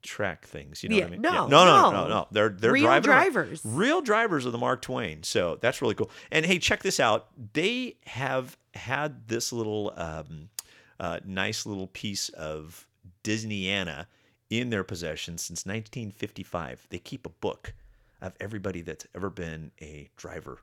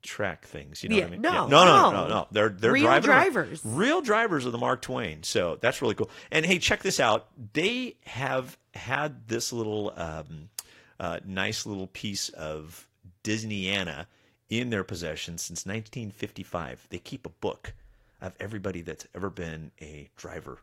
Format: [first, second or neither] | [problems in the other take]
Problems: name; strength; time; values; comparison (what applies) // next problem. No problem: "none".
first | garbled, watery; slightly; nothing above 14.5 kHz